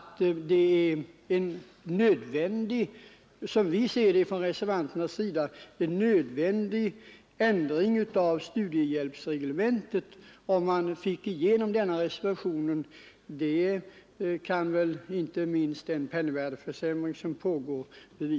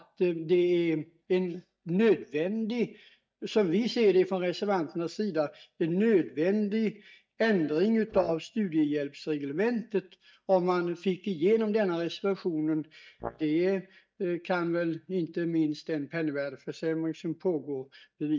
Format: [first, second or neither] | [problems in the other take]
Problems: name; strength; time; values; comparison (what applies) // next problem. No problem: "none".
first | noise reduction (neural mask model DeepFilterNet 3)